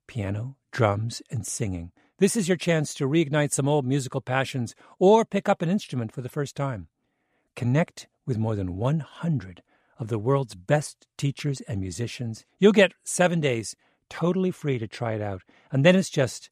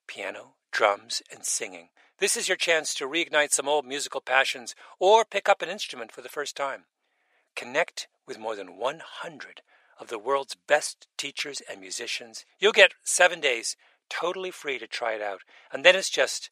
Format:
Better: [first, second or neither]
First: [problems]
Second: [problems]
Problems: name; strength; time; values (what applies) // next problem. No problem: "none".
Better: first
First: none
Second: thin; very; fading below 550 Hz